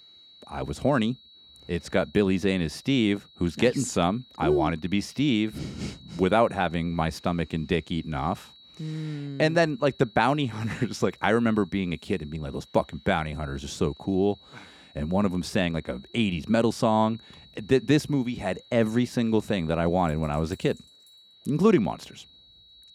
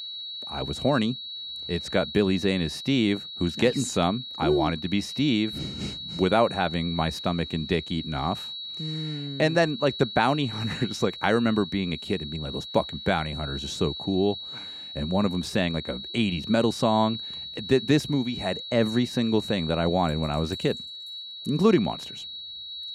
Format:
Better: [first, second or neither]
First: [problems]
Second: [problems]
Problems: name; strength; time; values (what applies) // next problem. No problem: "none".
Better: first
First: high-pitched whine; faint; throughout; 4 kHz, 25 dB below the speech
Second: high-pitched whine; loud; throughout; 4 kHz, 9 dB below the speech